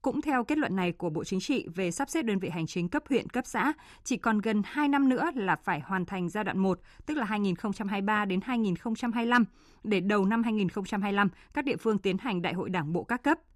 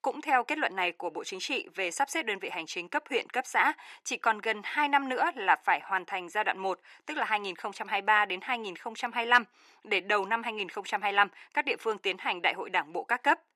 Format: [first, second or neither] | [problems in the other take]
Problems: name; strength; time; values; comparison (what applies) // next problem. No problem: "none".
first | thin; very; fading below 450 Hz